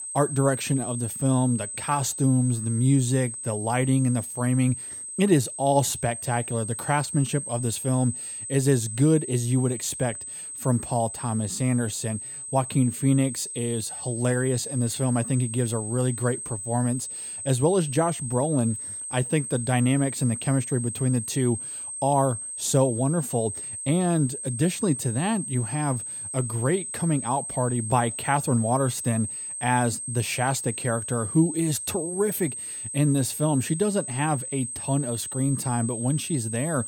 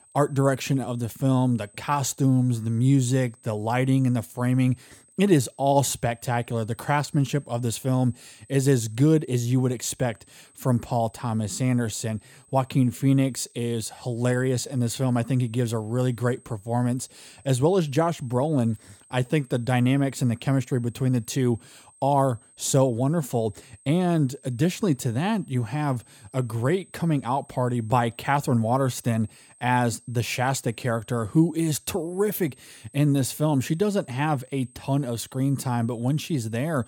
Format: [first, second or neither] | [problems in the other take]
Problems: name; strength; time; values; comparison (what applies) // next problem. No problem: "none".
second | high-pitched whine; loud; throughout; 8.5 kHz, 6 dB below the speech; faint in the second